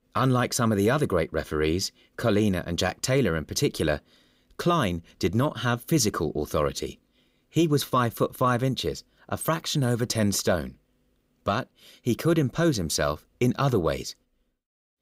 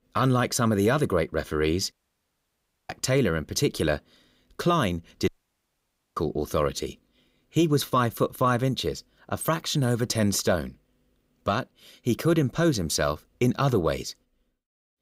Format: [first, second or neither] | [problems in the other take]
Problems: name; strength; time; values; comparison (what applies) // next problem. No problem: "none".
first | audio cutting out; at 2 s for 1 s and at 5.5 s for 1 s